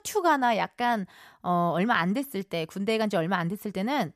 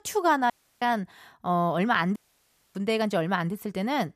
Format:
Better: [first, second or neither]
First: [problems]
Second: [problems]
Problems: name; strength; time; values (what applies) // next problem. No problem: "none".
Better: first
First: none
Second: audio cutting out; at 0.5 s and at 2 s for 0.5 s